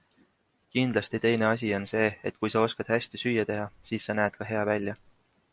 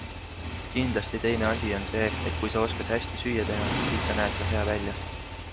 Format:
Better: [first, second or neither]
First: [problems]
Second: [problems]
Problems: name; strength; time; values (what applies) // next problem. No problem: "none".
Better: first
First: none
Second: background sound (Motorcycle); 1 dB below the speech